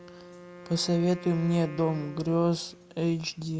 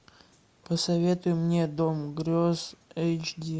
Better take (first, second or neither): second